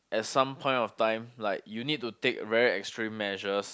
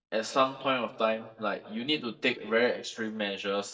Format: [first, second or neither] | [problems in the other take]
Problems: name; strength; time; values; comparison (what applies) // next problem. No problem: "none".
first | noise reduction (neural mask model DeepFilterNet 3)